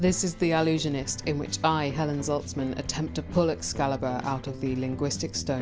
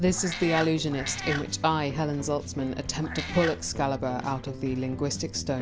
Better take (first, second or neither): first